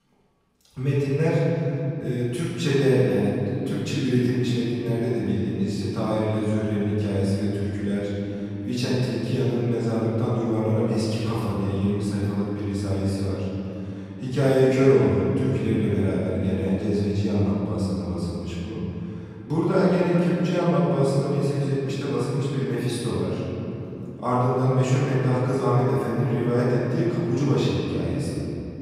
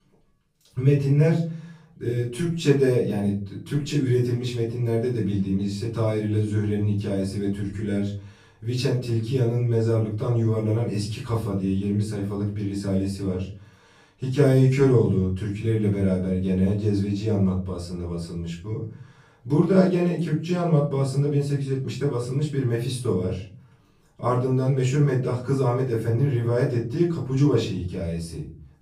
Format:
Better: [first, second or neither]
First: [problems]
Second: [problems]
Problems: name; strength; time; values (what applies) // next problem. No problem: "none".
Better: second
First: room echo; strong; dies away in 3 s // off-mic speech; far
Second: room echo; slight; dies away in 0.5 s // off-mic speech; far